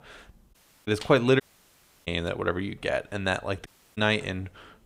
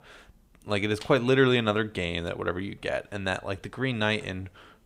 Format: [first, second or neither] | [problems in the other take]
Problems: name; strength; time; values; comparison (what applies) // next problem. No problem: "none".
second | audio cutting out; at 0.5 s, at 1.5 s for 0.5 s and at 3.5 s